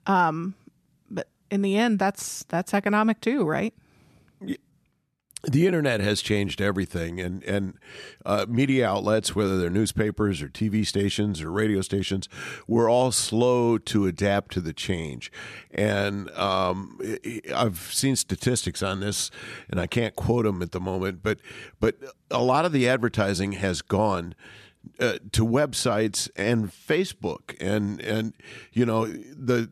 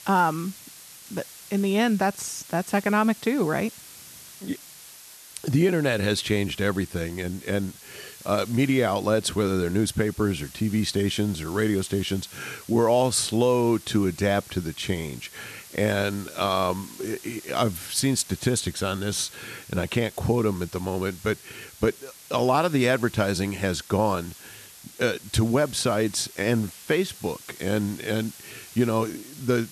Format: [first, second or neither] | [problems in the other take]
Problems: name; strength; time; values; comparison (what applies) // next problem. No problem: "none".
first | hiss; noticeable; throughout; 20 dB below the speech